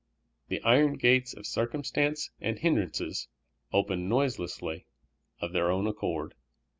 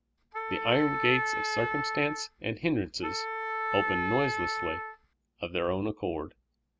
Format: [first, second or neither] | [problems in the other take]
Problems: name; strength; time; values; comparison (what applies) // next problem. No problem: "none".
first | background sound (Wind instrument, woodwind instrument); 1 dB below the speech